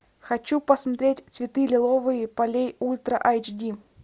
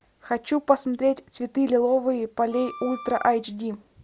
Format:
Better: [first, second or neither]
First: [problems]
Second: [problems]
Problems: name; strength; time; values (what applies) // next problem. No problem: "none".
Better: first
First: none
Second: background sound (Wind instrument, woodwind instrument); 17 dB below the speech